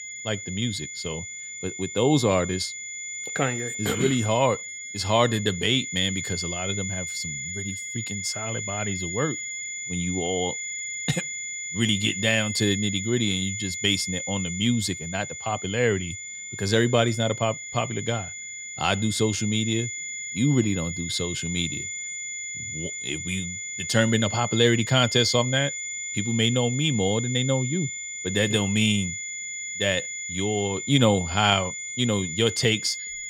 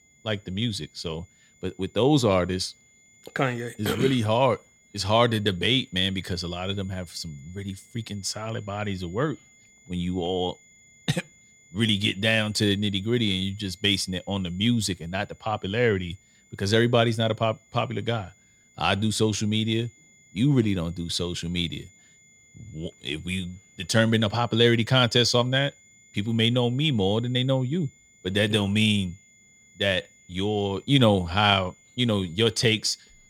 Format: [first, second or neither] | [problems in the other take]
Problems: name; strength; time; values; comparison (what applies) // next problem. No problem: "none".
second | high-pitched whine; loud; throughout; 2 kHz, 6 dB below the speech; faint in the second